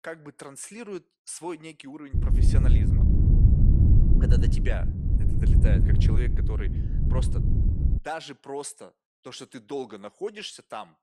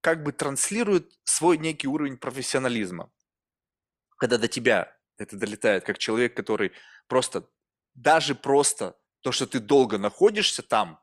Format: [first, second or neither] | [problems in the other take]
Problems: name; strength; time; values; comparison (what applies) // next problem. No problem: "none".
second | wind noise on the microphone; heavy; from 2 to 8 s; as loud as the speech